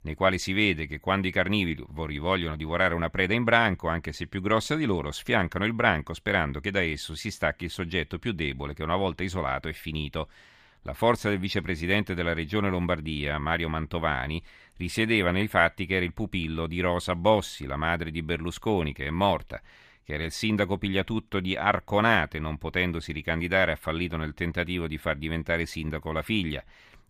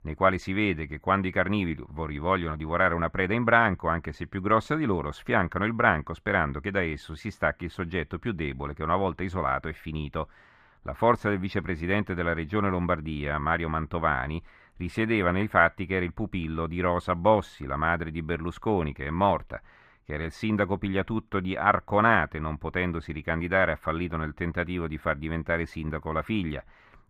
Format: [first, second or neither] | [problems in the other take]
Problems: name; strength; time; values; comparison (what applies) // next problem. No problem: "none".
first | muffled; slightly; fading above 2.5 kHz